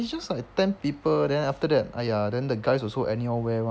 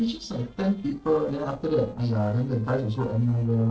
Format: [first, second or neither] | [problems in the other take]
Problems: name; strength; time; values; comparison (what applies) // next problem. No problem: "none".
first | noise reduction (neural separator model SepFormer DNS4)